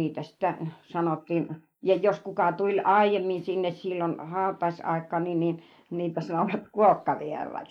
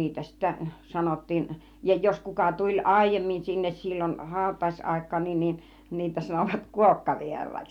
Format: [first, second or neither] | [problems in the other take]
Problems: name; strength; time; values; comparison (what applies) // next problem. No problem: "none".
second | noise reduction (neural mask model Resemble Enhance denoiser)